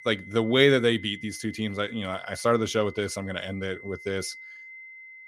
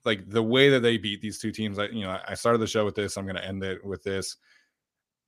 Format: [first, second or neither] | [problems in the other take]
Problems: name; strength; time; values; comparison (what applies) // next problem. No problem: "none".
second | high-pitched whine; noticeable; throughout; 2 kHz, 15 dB below the speech